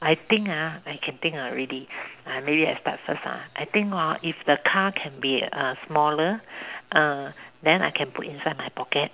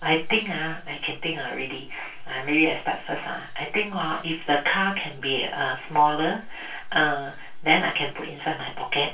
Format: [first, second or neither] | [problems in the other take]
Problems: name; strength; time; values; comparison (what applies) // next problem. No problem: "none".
first | room echo; dies away in 0.2 s